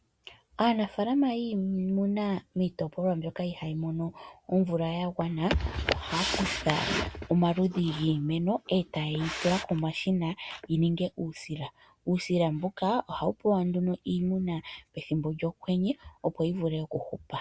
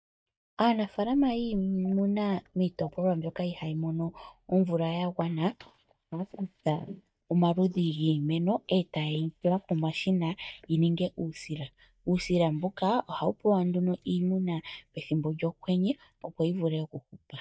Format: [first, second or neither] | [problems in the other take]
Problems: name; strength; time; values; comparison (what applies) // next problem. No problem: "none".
first | noise reduction (neural mask model DeepFilterNet 3)